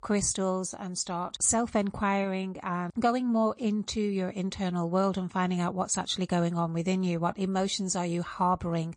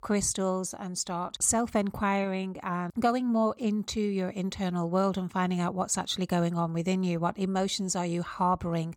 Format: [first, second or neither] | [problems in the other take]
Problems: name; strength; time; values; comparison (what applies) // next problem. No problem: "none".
second | garbled, watery; slightly; nothing above 9.5 kHz